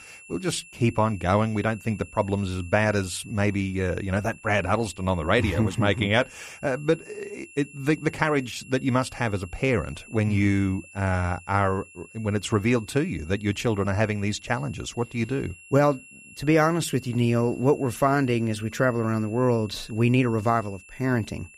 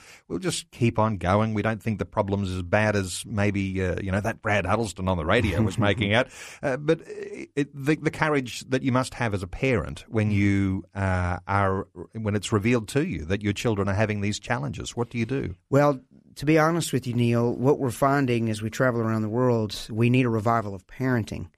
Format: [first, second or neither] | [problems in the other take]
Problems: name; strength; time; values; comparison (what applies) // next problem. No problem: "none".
second | high-pitched whine; faint; throughout; 2.5 kHz, 20 dB below the speech